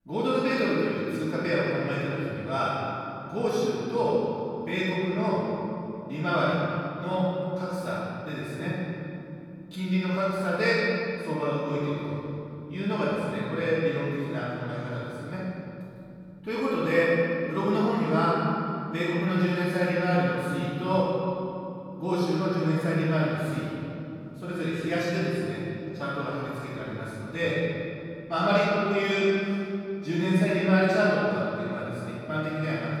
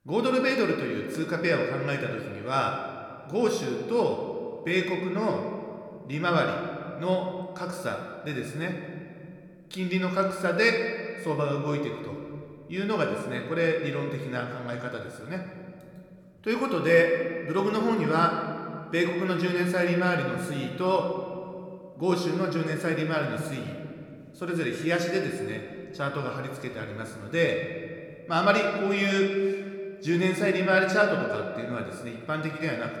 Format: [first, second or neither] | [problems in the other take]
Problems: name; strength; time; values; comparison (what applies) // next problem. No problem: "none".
second | room echo; strong; dies away in 3 s; slight in the second // off-mic speech; far